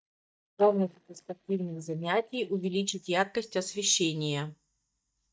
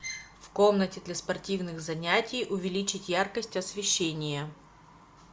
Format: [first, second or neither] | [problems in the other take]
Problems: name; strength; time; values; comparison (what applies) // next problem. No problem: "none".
second | noise reduction (neural mask model DeepFilterNet 3)